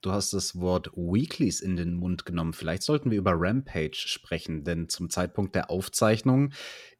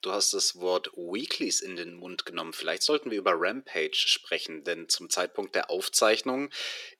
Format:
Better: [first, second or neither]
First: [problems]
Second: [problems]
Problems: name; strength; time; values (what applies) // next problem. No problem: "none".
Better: first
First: none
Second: thin; somewhat; fading below 350 Hz